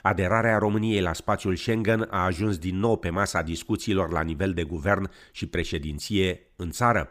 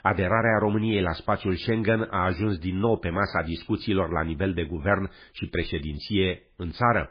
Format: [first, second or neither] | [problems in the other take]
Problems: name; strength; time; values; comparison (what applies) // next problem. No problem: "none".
first | garbled, watery; badly; nothing above 5 kHz